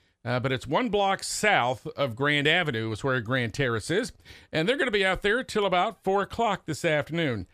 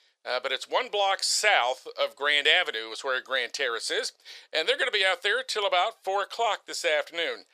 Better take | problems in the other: first | thin; very; fading below 500 Hz

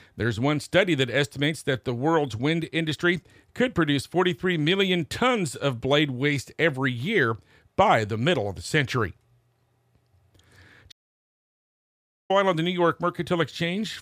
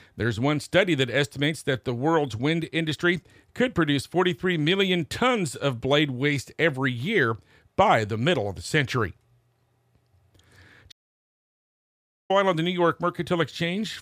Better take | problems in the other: neither | audio cutting out; at 11 s for 1.5 s; the same in both

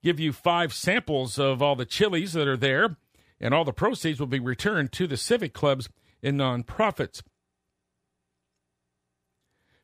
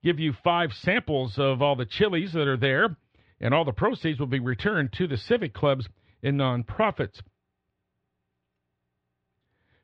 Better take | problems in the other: first | muffled; slightly; fading above 3.5 kHz

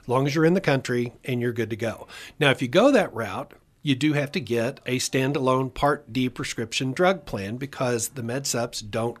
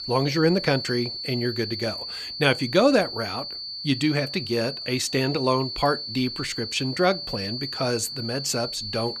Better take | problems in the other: first | high-pitched whine; loud; throughout; 4.5 kHz, 6 dB below the speech

